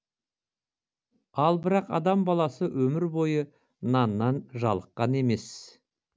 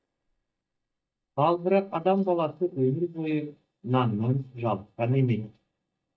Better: first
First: none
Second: noise reduction (neural mask model DeepFilterNet 3)

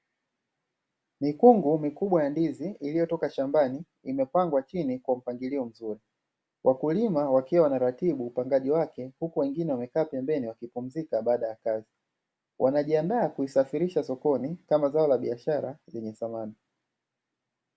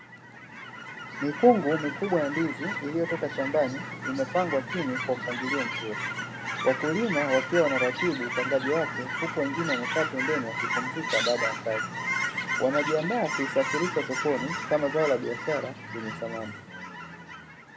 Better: first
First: none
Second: background sound (Chirp, tweet / Fowl); 4 dB below the speech

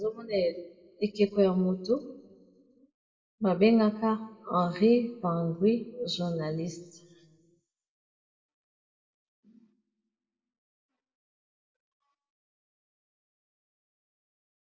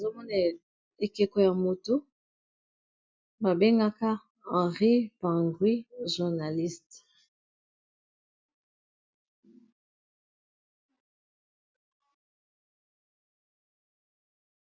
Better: second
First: room echo; dies away in 1.3 s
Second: none

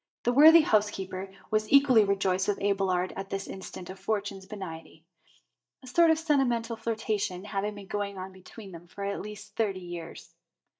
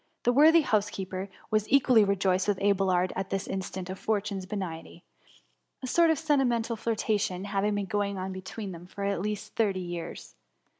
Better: second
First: noise reduction (neural mask model DeepFilterNet 3)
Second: none

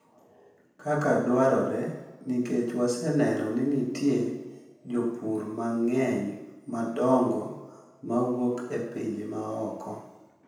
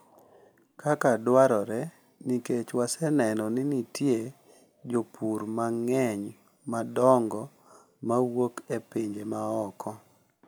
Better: second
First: room echo; dies away in 0.9 s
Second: none

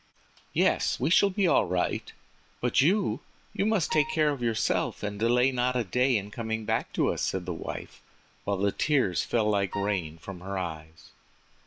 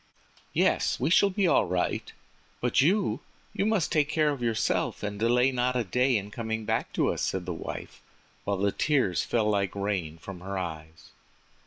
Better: second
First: background sound (Wind instrument, woodwind instrument); 11 dB below the speech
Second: none

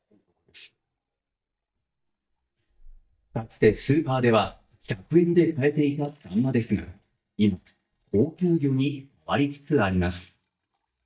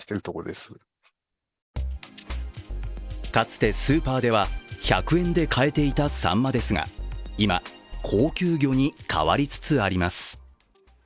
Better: second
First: noise reduction (neural mask model DeepFilterNet 3)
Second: none

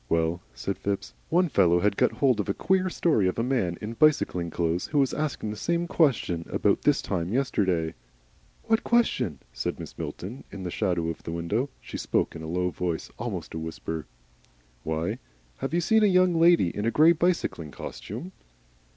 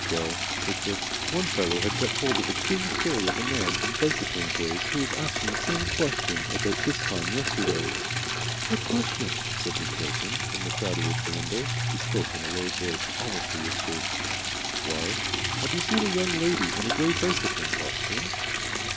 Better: first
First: none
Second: background sound (Liquid); 3 dB above the speech

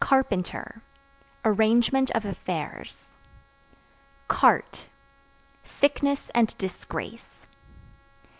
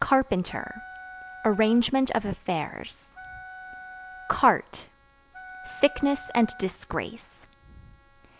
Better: first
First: none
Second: background sound (Wind instrument, woodwind instrument); 16 dB below the speech

